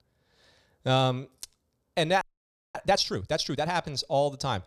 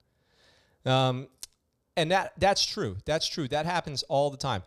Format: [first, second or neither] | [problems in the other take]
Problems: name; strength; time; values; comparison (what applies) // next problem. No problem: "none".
second | audio freezing; at 2 s for 0.5 s